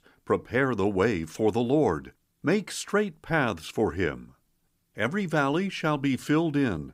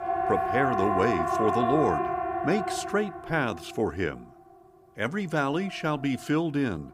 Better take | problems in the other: first | alarms or sirens; very loud; throughout; as loud as the speech

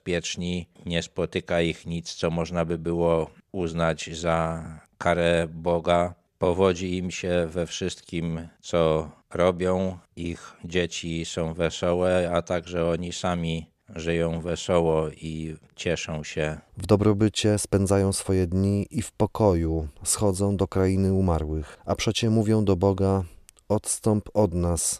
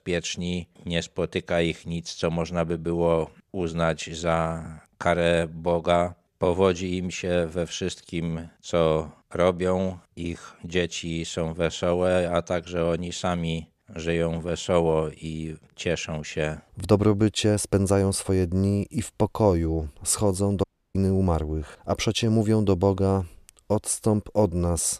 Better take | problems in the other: first | audio cutting out; at 21 s

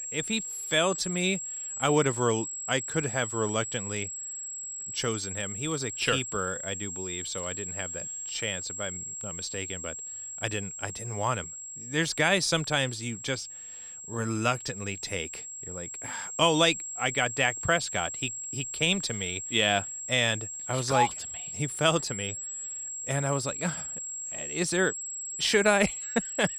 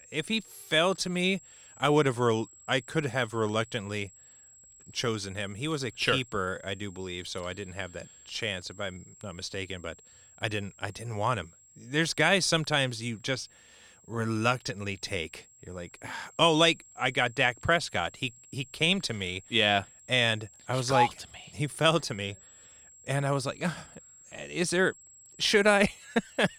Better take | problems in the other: second | high-pitched whine; loud; throughout; 7.5 kHz, 6 dB below the speech; faint in the second

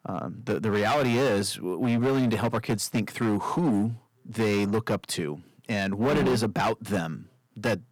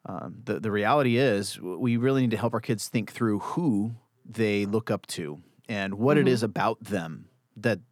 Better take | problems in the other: second | distortion; heavy; 14% of the sound clipped

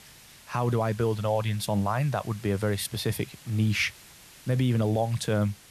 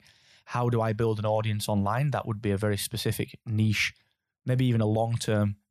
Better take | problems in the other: second | hiss; faint; throughout; 20 dB below the speech

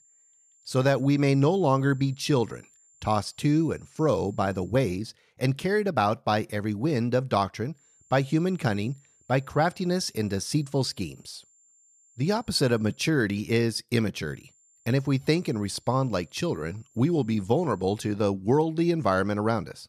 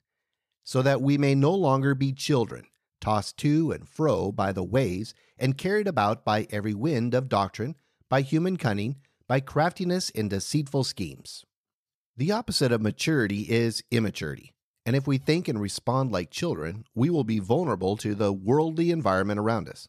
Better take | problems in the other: second | high-pitched whine; faint; until 4.5 s, from 8 to 13 s and from 14 to 18 s; 7.5 kHz, 30 dB below the speech

